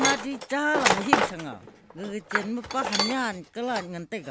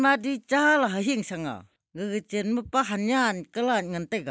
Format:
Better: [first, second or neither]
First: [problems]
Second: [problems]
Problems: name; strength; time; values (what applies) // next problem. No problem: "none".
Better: second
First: background sound (Tools); 1 dB above the speech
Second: none